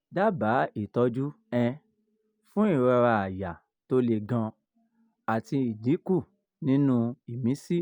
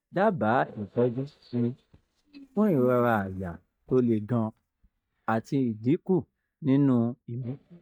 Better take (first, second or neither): first